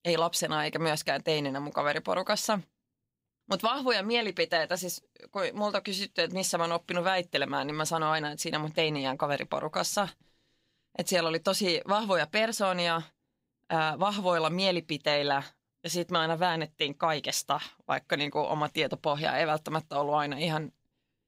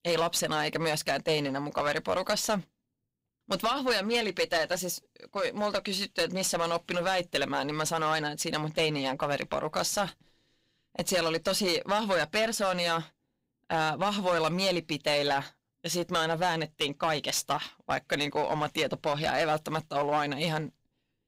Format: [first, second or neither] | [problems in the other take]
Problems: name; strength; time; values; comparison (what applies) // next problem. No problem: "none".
first | distortion; slight; 7% of the sound clipped